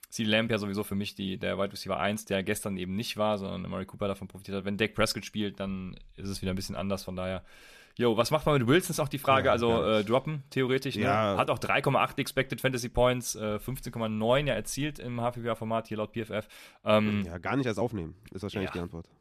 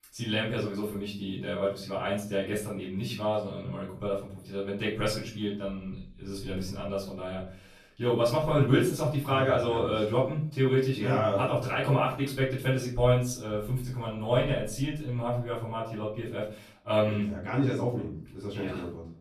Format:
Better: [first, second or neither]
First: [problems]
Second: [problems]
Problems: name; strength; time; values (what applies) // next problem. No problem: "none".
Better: first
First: none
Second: off-mic speech; far // room echo; noticeable; dies away in 0.4 s